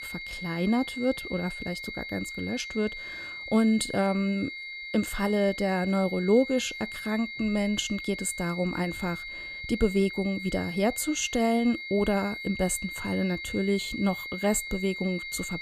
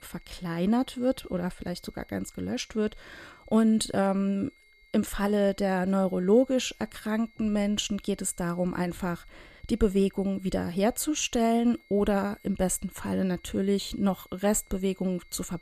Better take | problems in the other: second | high-pitched whine; loud; throughout; 2 kHz, 8 dB below the speech; faint in the second

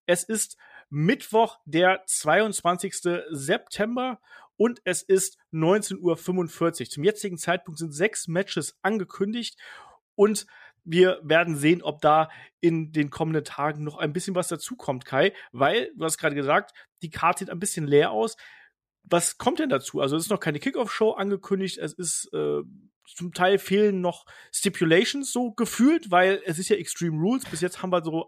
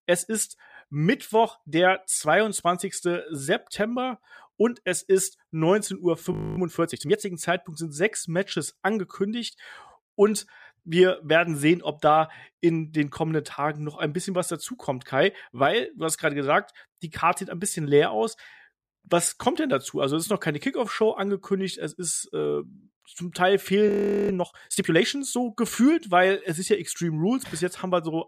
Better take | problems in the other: first | audio freezing; at 6.5 s and at 24 s

